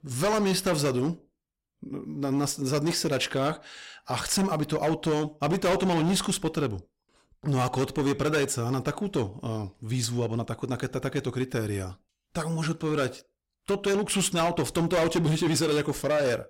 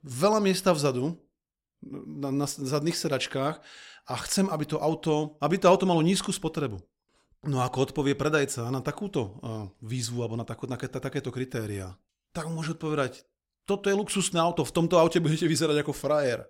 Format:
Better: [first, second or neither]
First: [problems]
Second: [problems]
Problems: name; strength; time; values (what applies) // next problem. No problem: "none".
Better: second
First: distortion; heavy; 12% of the sound clipped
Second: none